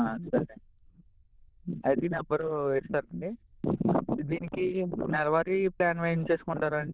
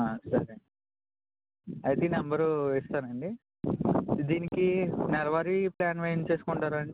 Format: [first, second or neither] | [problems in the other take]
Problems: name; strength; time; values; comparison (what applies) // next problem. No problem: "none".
second | noise reduction (neural diffusion model UNIVERSE++)